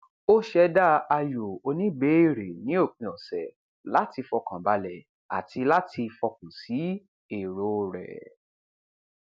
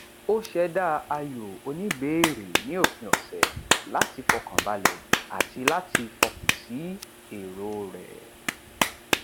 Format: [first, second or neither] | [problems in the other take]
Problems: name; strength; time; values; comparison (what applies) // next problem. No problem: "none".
first | background sound (Clapping); 2 dB above the speech